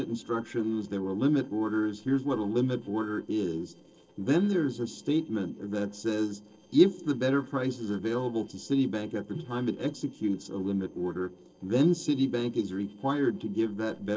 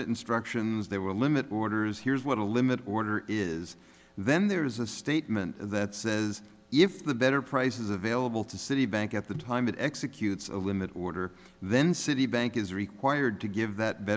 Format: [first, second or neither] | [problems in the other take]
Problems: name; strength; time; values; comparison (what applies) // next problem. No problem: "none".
second | noise reduction (neural separator model SepFormer DNS4)